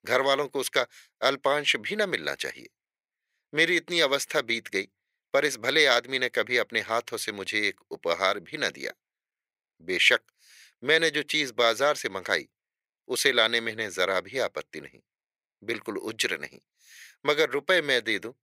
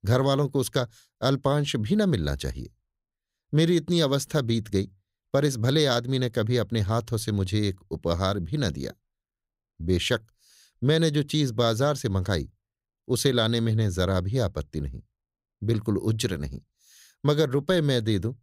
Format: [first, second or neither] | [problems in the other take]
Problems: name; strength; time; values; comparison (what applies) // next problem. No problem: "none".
second | thin; very; fading below 550 Hz